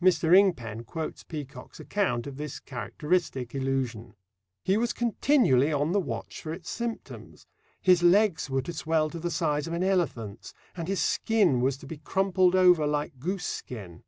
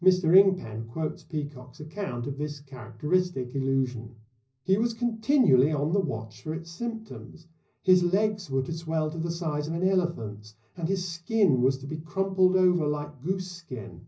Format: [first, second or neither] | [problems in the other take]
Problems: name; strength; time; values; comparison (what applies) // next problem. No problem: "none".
first | room echo; dies away in 0.5 s